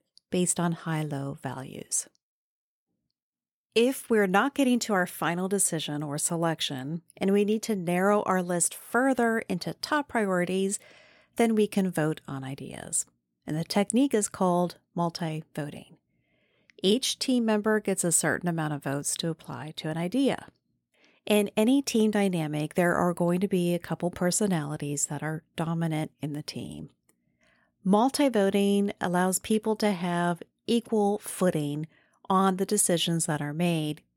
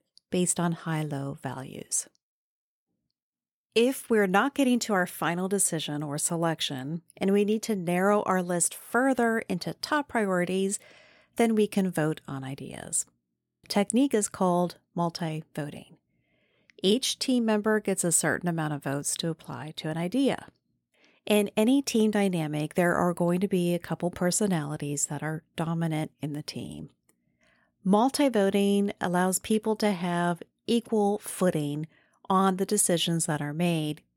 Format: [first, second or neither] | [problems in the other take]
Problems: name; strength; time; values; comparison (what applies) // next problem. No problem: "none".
first | audio freezing; at 13 s